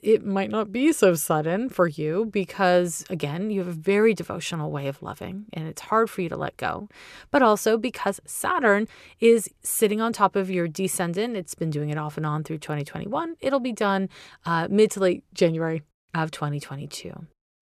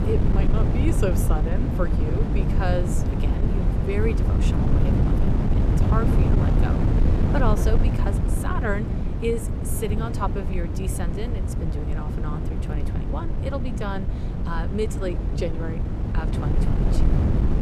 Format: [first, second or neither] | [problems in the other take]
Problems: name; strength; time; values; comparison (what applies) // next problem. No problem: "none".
first | wind noise on the microphone; heavy; 1 dB below the speech